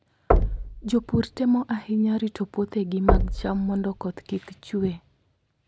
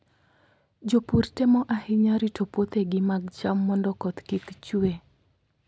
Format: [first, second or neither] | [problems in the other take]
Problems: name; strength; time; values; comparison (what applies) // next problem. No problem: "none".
second | background sound (Knock); 1 dB below the speech